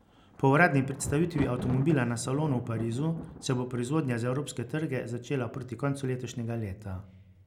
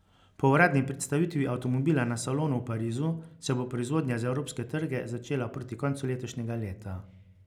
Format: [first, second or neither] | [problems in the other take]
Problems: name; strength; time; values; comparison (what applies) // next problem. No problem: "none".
second | background sound (Thunder); 13 dB below the speech